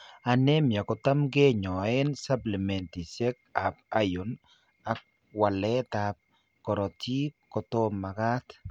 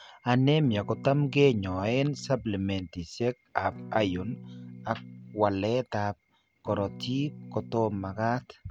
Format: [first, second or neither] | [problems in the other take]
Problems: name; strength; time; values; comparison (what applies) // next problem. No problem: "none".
first | background sound (Electric guitar / Strum); 15 dB below the speech